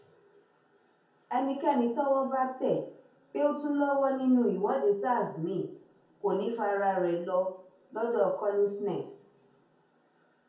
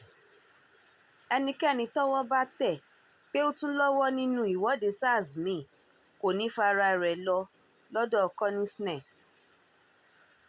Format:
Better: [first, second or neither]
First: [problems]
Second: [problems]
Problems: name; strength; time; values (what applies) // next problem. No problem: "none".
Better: second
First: room echo; dies away in 0.6 s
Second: none